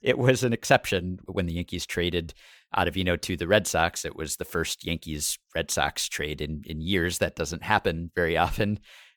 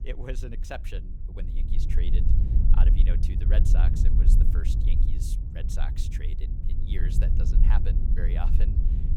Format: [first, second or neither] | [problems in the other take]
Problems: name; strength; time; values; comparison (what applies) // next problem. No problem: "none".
first | low rumble; loud; throughout; 2 dB below the speech